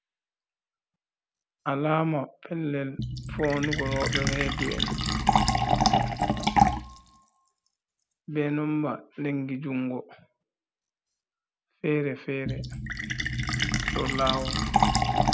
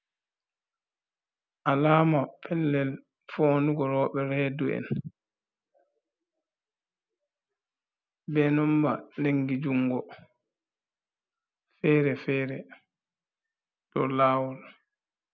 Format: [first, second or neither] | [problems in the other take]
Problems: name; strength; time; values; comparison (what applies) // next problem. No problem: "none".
second | background sound (Fill (with liquid)); 3 dB above the speech